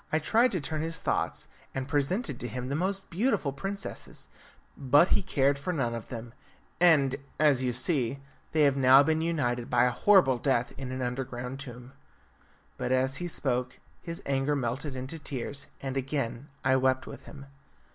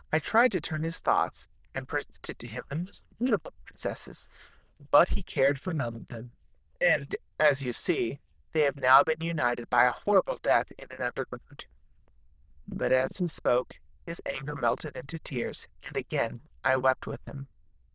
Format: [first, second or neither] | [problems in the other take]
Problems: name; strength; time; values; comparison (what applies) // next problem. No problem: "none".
first | noise reduction (neural diffusion model UNIVERSE++)